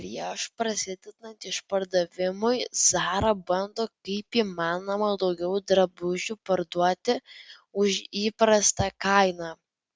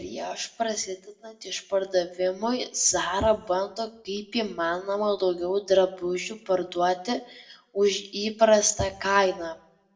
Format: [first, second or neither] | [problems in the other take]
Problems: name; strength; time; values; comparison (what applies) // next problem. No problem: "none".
first | room echo; dies away in 0.4 s